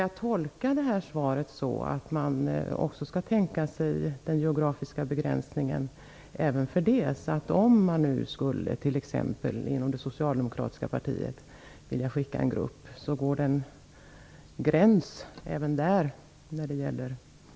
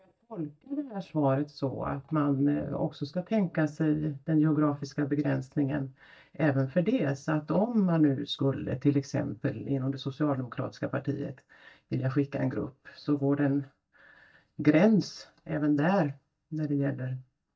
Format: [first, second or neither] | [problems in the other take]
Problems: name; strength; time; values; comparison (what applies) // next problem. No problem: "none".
first | noise reduction (neural mask model DeepFilterNet 3)